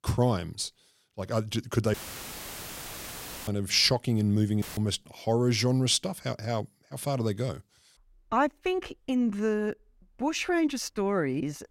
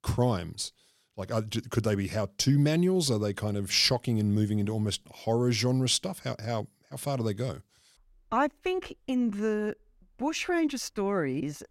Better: second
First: audio cutting out; filled with static; at 2 s for 1.5 s and at 4.5 s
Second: none

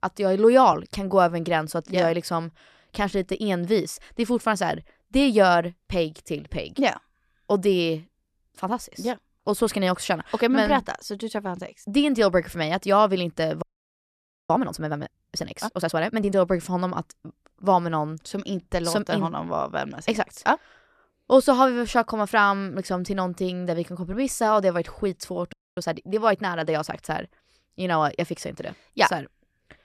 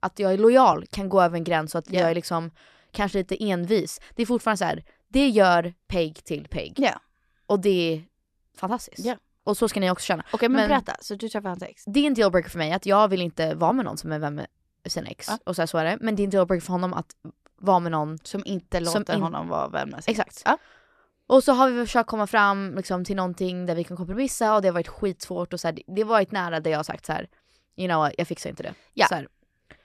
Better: second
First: audio freezing; at 14 s for 1 s and at 26 s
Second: none

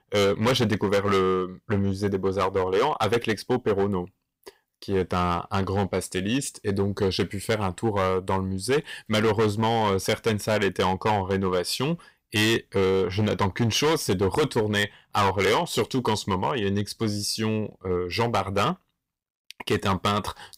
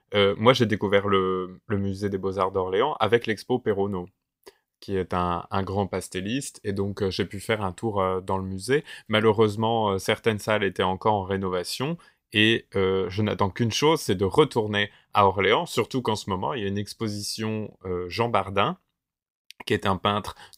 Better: second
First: distortion; heavy; 10% of the sound clipped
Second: none

